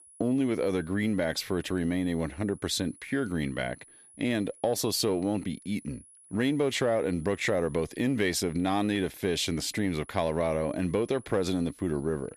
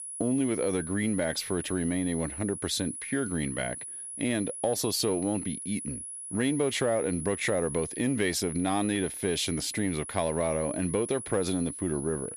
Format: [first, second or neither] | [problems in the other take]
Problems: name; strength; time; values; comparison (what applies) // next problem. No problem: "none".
first | high-pitched whine; loud; throughout; 10.5 kHz, 7 dB below the speech; faint in the first